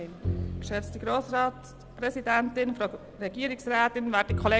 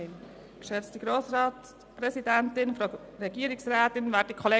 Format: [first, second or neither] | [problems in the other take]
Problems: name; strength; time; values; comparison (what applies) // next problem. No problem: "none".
second | background sound (Bowed string instrument); 8 dB below the speech